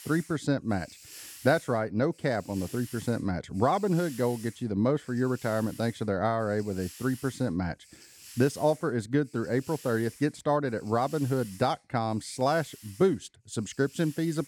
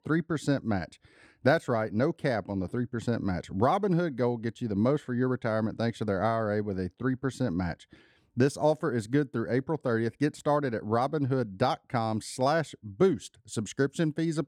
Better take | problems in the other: second | hiss; noticeable; throughout; 20 dB below the speech

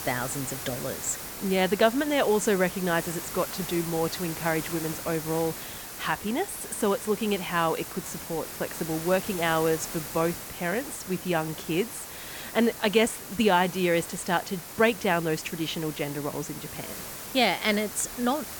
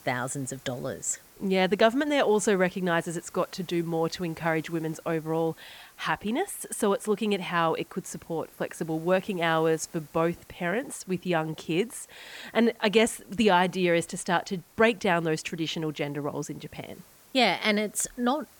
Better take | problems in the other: second | hiss; loud; throughout; 9 dB below the speech; faint in the second

